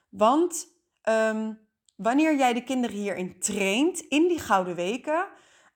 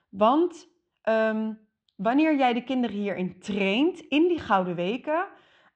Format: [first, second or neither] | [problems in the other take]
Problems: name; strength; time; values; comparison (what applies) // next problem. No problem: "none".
first | muffled; very; fading above 4 kHz